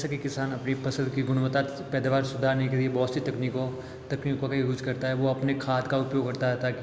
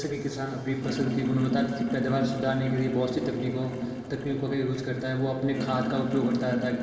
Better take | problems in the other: first | background sound (Sink (filling or washing)); 4 dB below the speech // room echo; dies away in 2.6 s

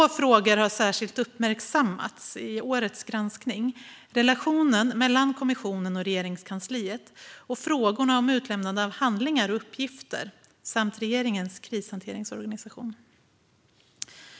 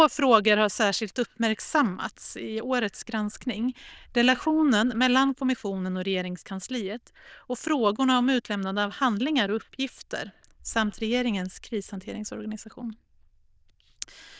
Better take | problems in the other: first | noise reduction (neural diffusion model UNIVERSE++)

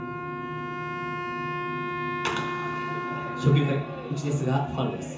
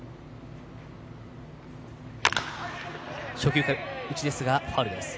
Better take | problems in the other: second | background sound (Wind instrument, woodwind instrument); 5 dB below the speech // room echo; dies away in 0.6 s

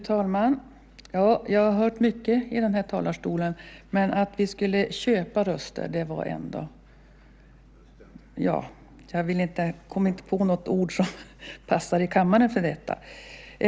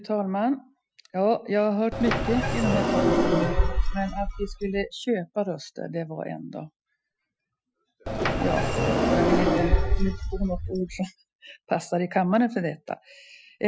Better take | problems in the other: first | noise reduction (classical method Wiener filter)

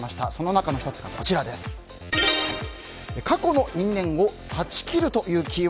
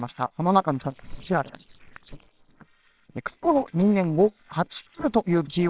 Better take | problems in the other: first | noise reduction (neural separator model SepFormer WHAMR!)

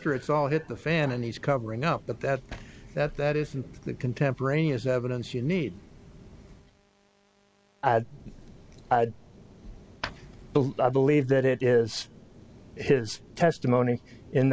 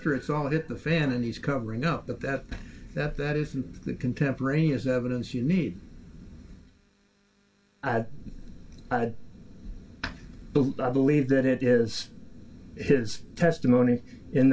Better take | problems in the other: first | room echo; dies away in 0.2 s

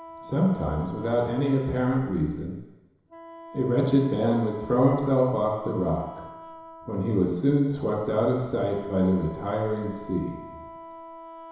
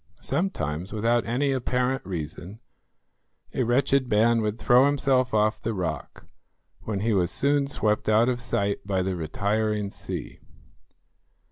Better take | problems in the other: second | background sound (Wind instrument, woodwind instrument); 18 dB below the speech // room echo; dies away in 1 s

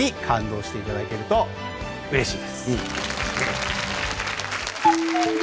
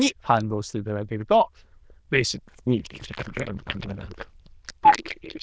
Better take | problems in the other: first | noise reduction (neural diffusion model UNIVERSE++)

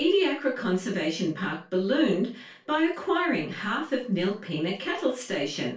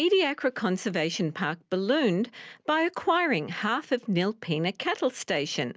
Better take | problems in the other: second | room echo; dies away in 0.3 s

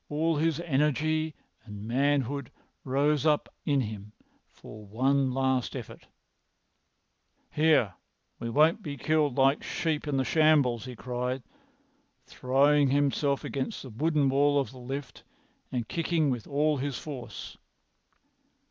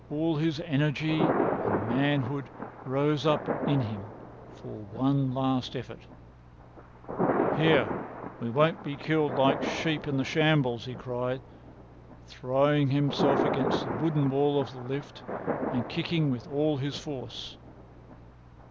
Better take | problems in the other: first | background sound (Thunder); 5 dB below the speech

